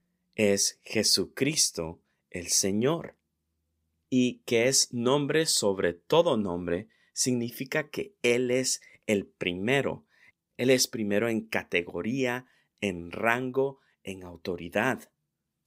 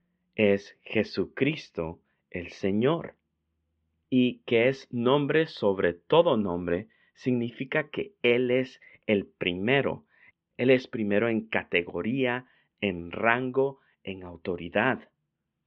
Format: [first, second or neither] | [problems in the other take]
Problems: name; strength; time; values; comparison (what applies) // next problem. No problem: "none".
first | muffled; very; fading above 3 kHz